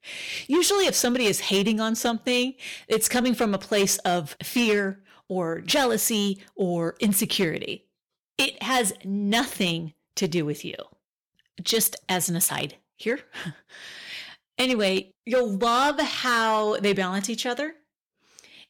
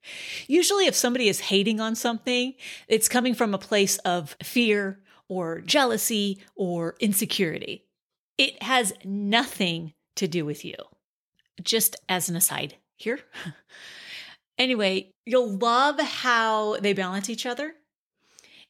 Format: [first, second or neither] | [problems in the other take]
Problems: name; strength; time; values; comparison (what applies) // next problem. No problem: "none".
second | distortion; slight; 6% of the sound clipped